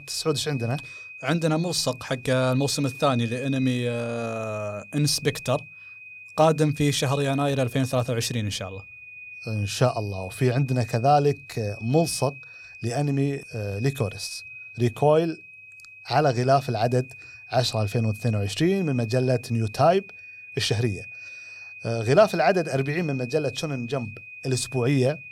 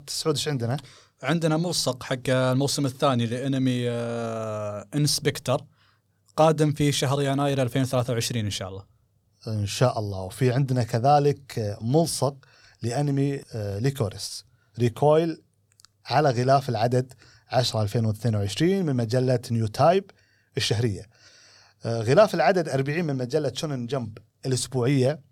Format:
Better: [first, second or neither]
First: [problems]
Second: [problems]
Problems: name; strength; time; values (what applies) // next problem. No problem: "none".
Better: second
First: high-pitched whine; noticeable; throughout; 2.5 kHz, 15 dB below the speech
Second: none